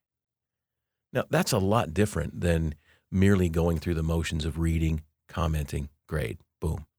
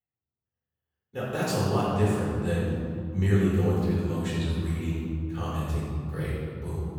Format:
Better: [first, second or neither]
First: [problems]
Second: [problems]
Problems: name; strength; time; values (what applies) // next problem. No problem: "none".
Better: first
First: none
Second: room echo; strong; dies away in 2.3 s // off-mic speech; far